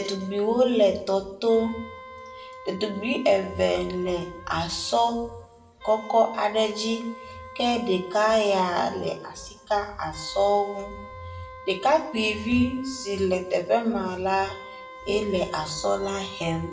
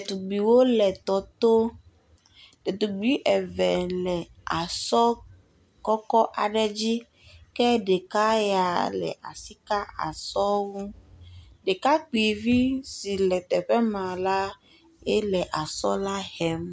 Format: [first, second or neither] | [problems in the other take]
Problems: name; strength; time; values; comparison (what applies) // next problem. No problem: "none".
second | background sound (Wind instrument, woodwind instrument); 18 dB below the speech // room echo; dies away in 0.6 s